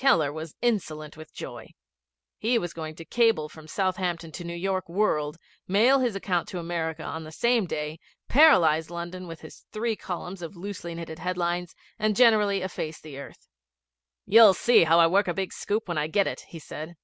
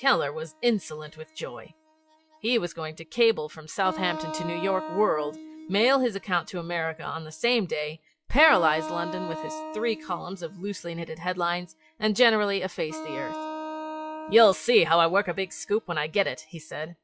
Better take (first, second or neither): first